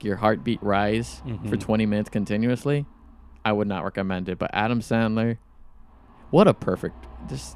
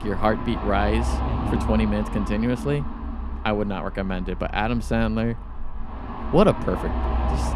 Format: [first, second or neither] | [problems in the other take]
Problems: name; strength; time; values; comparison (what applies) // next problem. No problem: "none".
first | traffic noise; loud; throughout; 5 dB below the speech; faint in the first